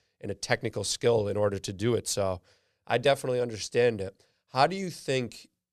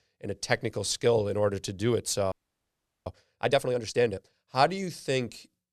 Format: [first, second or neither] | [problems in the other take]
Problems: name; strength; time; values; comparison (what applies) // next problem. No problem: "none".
first | audio freezing; at 2.5 s for 0.5 s